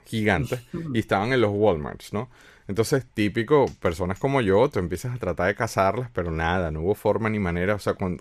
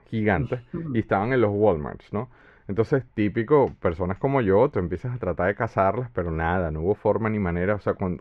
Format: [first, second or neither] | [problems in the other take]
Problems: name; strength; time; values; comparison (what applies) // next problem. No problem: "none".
first | muffled; very; fading above 2 kHz